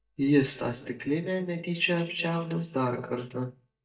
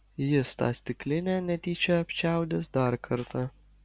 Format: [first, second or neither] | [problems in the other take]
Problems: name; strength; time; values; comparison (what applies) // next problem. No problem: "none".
second | noise reduction (neural mask model DeepFilterNet 3)